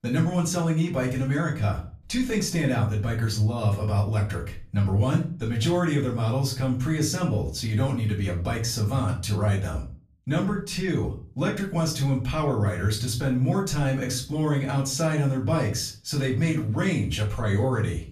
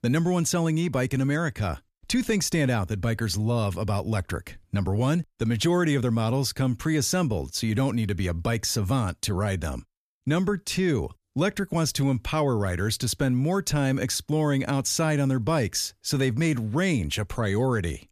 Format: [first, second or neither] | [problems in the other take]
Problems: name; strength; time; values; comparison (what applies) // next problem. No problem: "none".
second | off-mic speech; far // room echo; slight; dies away in 0.4 s